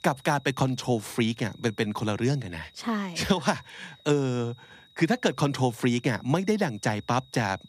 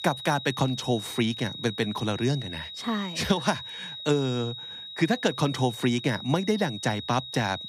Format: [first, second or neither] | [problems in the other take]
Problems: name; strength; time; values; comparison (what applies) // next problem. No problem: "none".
first | high-pitched whine; loud; throughout; 4 kHz, 9 dB below the speech; faint in the first